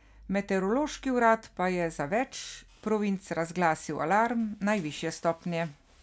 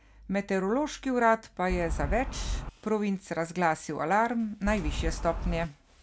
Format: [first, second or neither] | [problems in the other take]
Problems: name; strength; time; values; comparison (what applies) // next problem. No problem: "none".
first | background sound (Wind); 3 dB below the speech